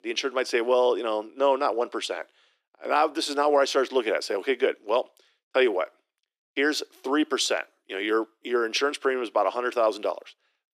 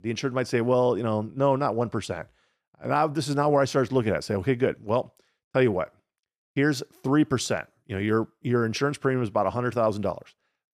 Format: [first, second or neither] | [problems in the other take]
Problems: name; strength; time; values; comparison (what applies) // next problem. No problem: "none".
second | thin; somewhat; fading below 300 Hz